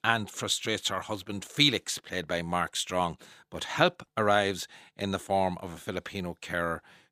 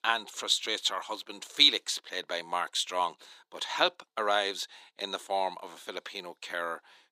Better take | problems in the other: first | thin; somewhat; fading below 350 Hz

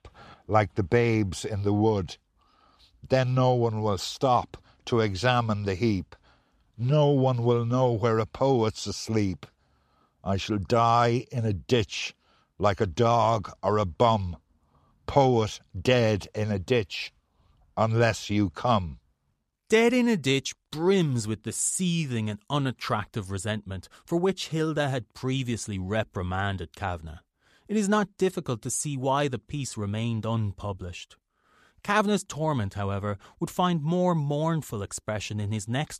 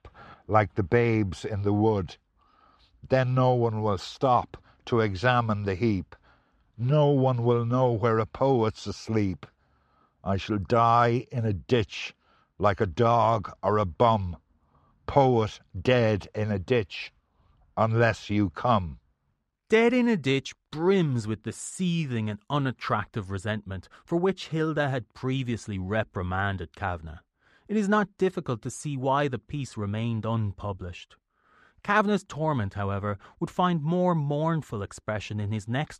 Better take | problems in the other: first | muffled; slightly; fading above 2.5 kHz

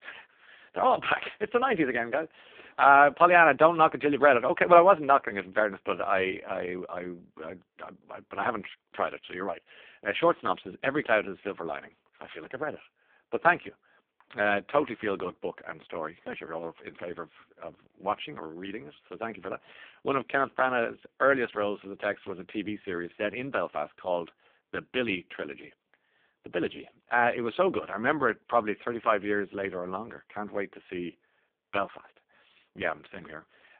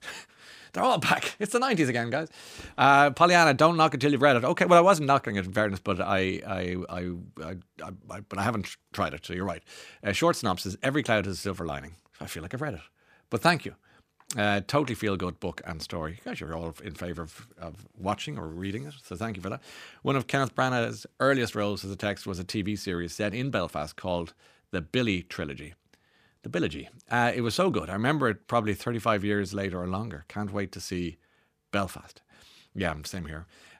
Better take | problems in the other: second | phone-call audio; poor line

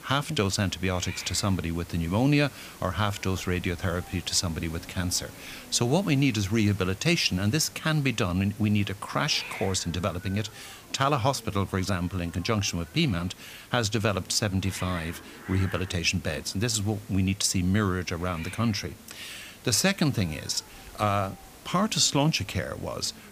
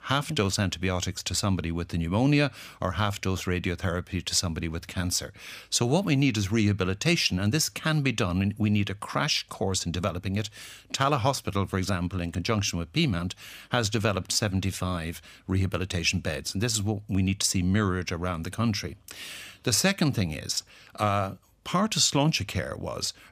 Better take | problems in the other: second | hiss; noticeable; throughout; 20 dB below the speech

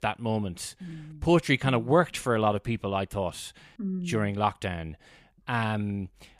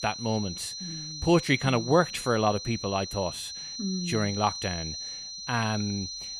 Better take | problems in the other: first | high-pitched whine; loud; throughout; 4 kHz, 7 dB below the speech

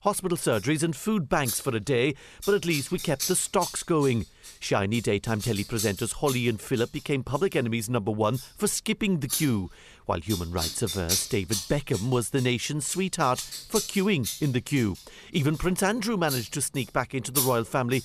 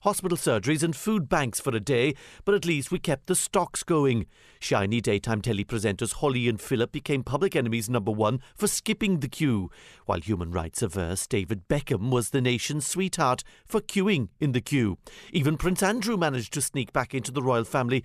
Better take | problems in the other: second | household noises; loud; throughout; 6 dB below the speech

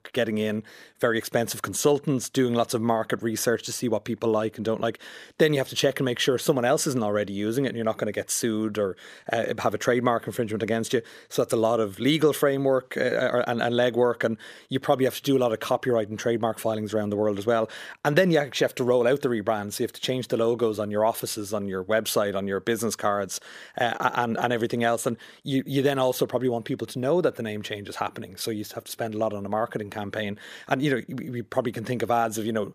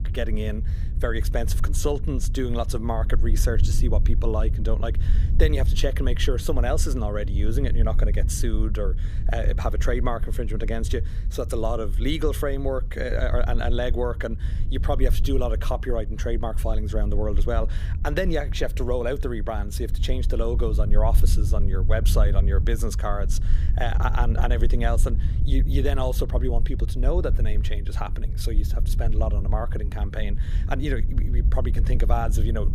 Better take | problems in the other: first | low rumble; noticeable; throughout; 15 dB below the speech

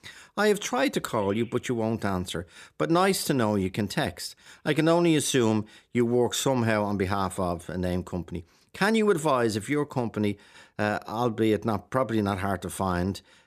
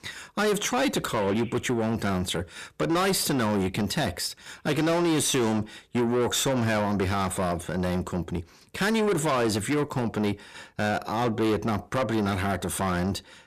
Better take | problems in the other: first | distortion; heavy; 6 dB below the speech

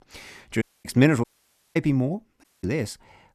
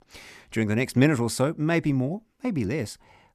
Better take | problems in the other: second | audio cutting out; at 0.5 s, at 1 s for 0.5 s and at 2.5 s

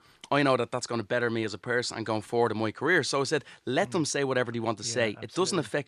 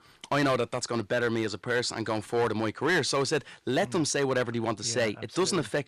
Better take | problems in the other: first | distortion; slight; 7% of the sound clipped

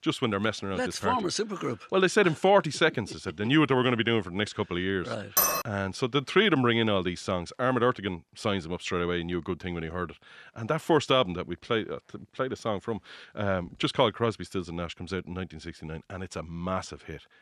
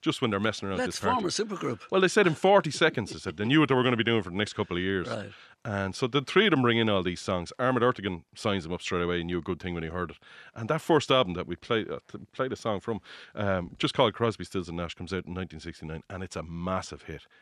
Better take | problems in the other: second | clattering dishes; loud; at 5.5 s; peak 4 dB above the speech

